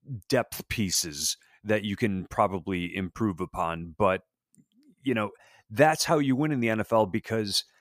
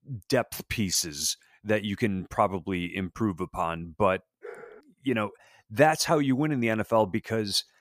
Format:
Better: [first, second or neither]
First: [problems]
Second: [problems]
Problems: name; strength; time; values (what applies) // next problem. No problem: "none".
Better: first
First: none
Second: dog barking; faint; at 4.5 s; peak 15 dB below the speech